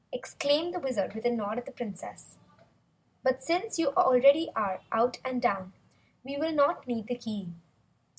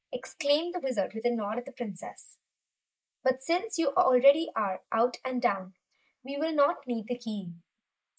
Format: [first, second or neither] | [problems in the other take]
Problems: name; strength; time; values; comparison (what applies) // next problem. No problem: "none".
first | noise reduction (neural mask model Resemble Enhance denoiser)